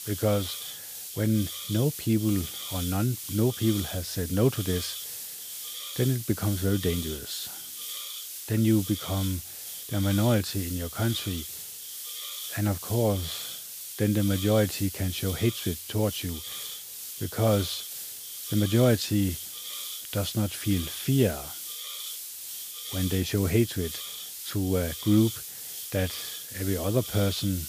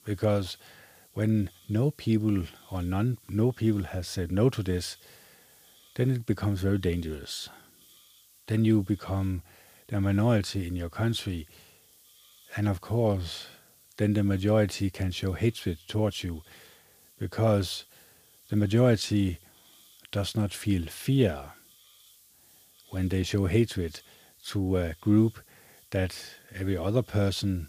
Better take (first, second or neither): second